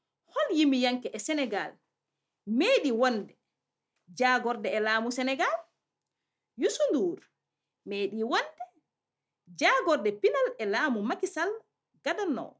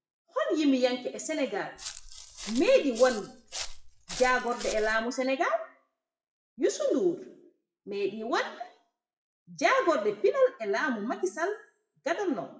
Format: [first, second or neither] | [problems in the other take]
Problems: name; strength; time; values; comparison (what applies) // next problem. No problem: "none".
first | noise reduction (classical method WPE with log-MMSE)